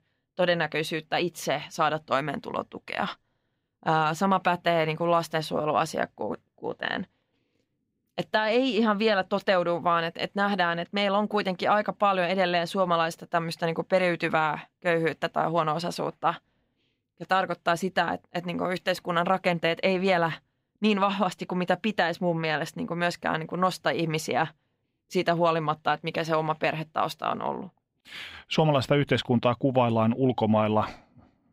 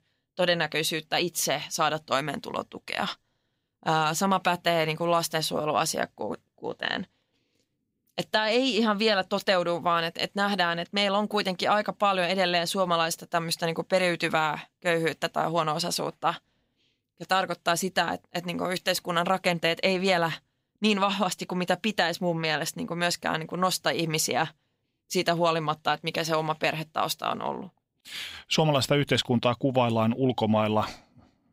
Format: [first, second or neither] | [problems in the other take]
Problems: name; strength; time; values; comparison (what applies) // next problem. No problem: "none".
second | muffled; slightly; fading above 3.5 kHz